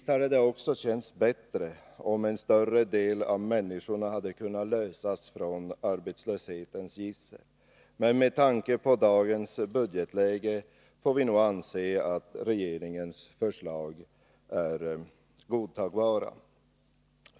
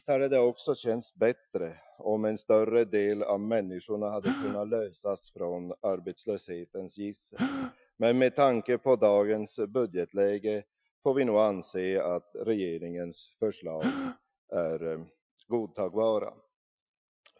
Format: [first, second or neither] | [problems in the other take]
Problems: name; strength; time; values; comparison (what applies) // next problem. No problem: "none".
first | noise reduction (classical method Wiener filter)